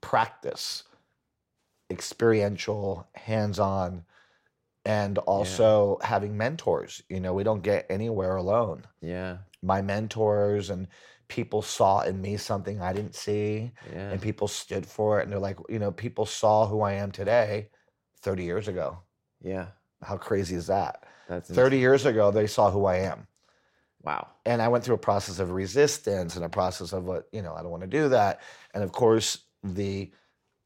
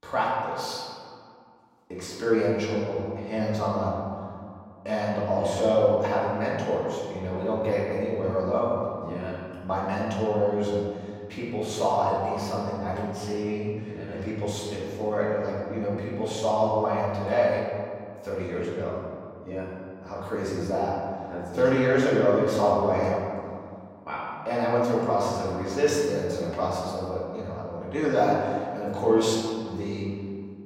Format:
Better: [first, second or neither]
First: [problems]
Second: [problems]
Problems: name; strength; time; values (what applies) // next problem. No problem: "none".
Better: first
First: none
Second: room echo; noticeable; dies away in 2 s // off-mic speech; far